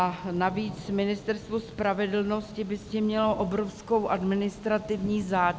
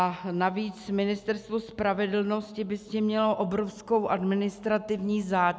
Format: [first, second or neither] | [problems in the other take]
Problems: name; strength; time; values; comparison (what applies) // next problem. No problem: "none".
second | background sound (Thunder); 16 dB below the speech